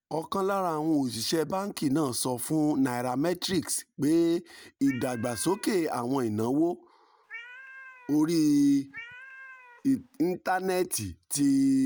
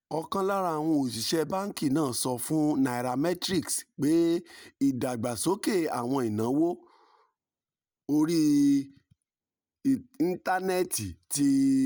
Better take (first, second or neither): second